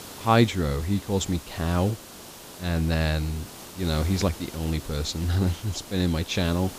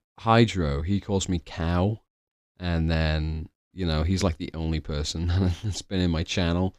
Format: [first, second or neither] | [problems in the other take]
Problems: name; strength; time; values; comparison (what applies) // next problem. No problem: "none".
second | hiss; noticeable; throughout; 15 dB below the speech